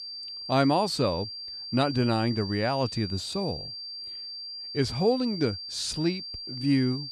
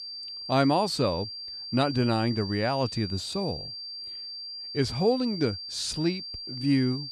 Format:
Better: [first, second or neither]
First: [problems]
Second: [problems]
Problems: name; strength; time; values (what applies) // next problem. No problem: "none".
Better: neither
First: high-pitched whine; loud; throughout; 4.5 kHz, 8 dB below the speech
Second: high-pitched whine; loud; throughout; 4.5 kHz, 8 dB below the speech